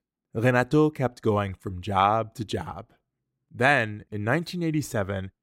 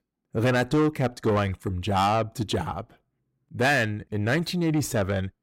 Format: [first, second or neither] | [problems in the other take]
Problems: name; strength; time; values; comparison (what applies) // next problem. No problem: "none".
first | distortion; heavy; 8 dB below the speech